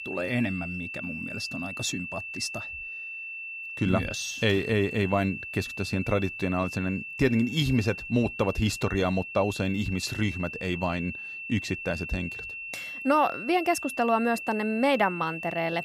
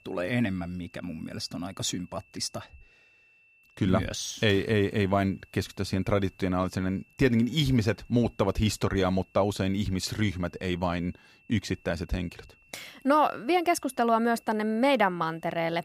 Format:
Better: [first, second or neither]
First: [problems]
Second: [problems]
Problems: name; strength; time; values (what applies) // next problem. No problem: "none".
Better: second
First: high-pitched whine; loud; throughout; 2.5 kHz, 8 dB below the speech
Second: high-pitched whine; faint; throughout; 2.5 kHz, 30 dB below the speech